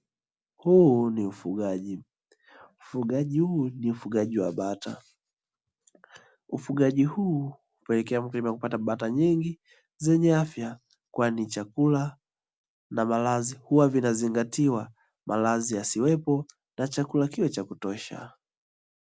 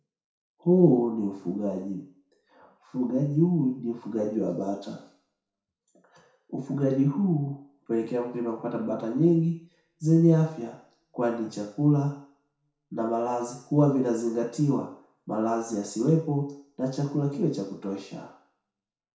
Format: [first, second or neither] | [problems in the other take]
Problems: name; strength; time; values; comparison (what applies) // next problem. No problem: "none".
first | room echo; dies away in 0.6 s